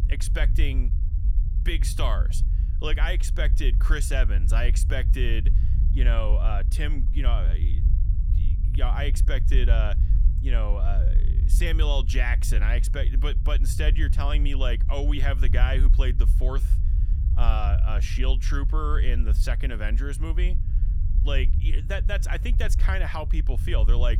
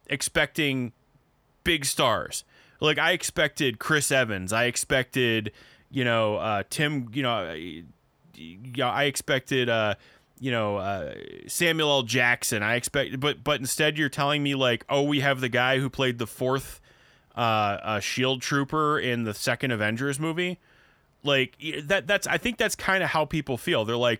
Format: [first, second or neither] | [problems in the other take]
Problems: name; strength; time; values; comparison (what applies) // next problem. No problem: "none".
second | low rumble; noticeable; throughout; 10 dB below the speech